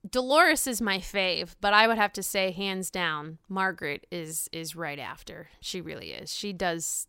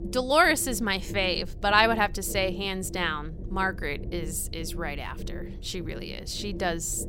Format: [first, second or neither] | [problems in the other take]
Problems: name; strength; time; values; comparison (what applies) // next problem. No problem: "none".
first | low rumble; noticeable; throughout; 20 dB below the speech